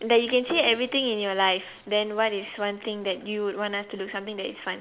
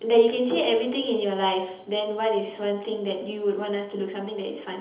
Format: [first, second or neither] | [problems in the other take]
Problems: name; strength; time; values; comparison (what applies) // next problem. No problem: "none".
first | room echo; dies away in 0.8 s